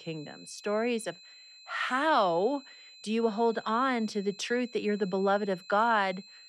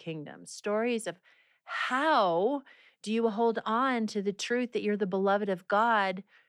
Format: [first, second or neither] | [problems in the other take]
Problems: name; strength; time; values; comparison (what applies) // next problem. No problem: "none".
second | high-pitched whine; faint; throughout; 4 kHz, 20 dB below the speech